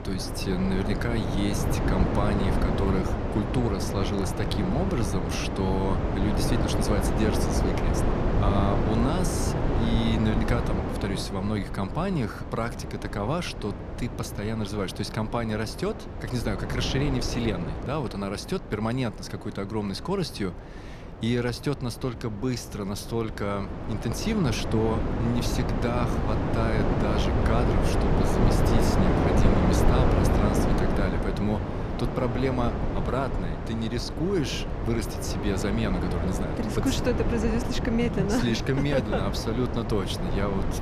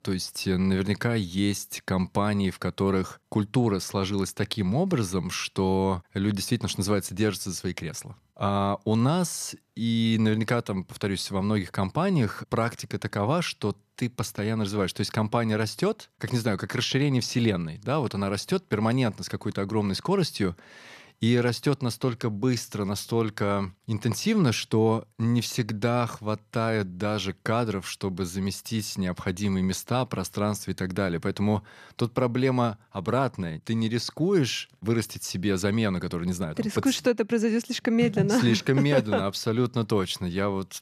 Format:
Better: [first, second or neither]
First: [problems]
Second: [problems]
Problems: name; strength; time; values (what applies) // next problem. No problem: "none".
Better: second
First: wind noise on the microphone; heavy; as loud as the speech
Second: none